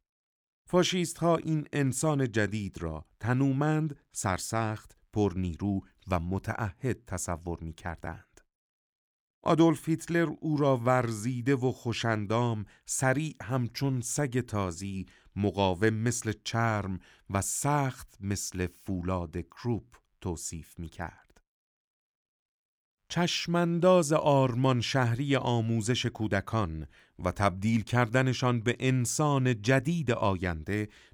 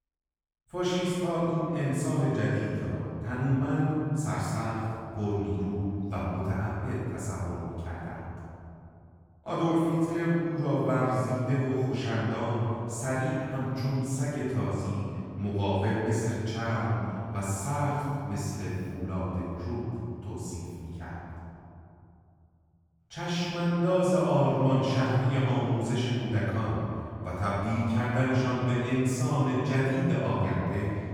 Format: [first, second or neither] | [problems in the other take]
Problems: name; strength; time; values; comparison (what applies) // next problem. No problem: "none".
first | off-mic speech; far // room echo; strong; dies away in 2.7 s